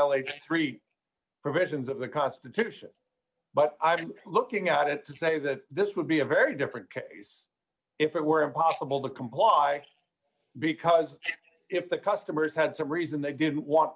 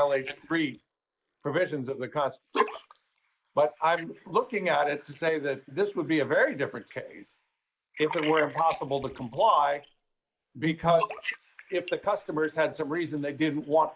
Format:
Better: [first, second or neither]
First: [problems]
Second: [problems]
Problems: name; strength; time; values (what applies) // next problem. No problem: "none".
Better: first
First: none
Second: noise reduction (neural mask model Resemble Enhance denoiser)